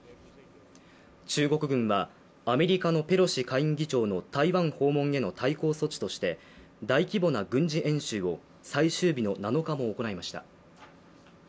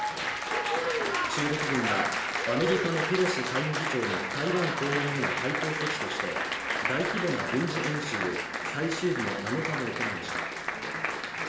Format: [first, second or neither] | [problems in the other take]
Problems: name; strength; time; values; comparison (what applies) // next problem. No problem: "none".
first | background sound (Applause); 1 dB above the speech // room echo; dies away in 1.3 s